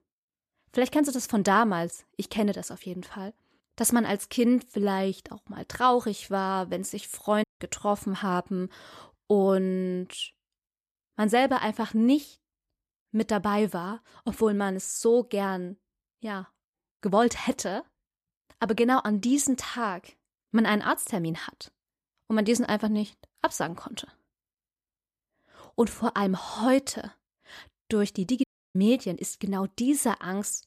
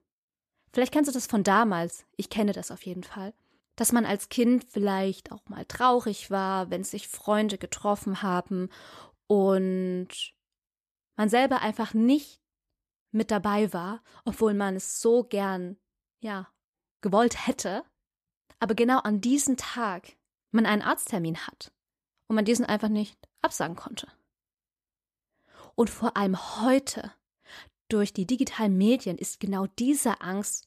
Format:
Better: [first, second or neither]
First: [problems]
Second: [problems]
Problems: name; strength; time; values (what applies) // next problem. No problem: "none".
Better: second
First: audio cutting out; at 7.5 s and at 28 s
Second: none